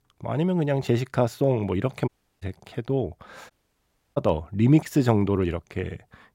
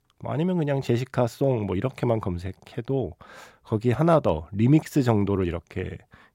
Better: second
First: audio cutting out; at 2 s and at 3.5 s for 0.5 s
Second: none

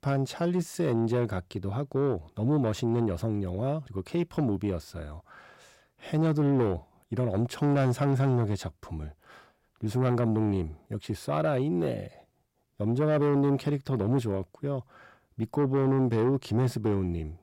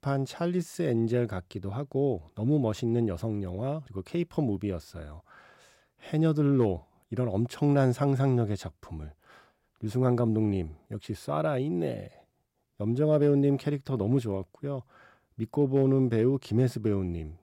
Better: second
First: distortion; slight; 10 dB below the speech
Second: none

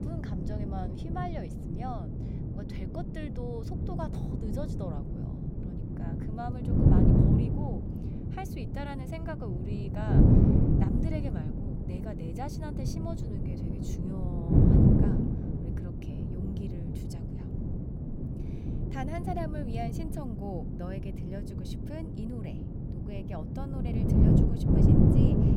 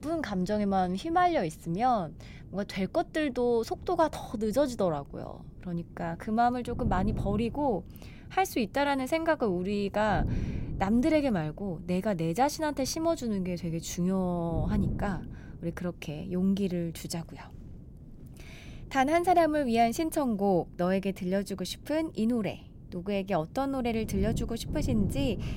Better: second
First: wind noise on the microphone; heavy; 5 dB above the speech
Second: wind noise on the microphone; occasional gusts; 20 dB below the speech

